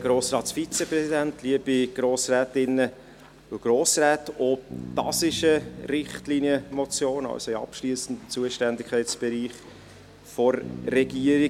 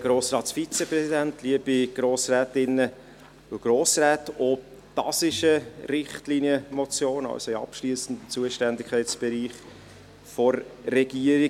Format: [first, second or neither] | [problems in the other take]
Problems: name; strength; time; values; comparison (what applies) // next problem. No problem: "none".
second | background sound (Bass guitar); 19 dB below the speech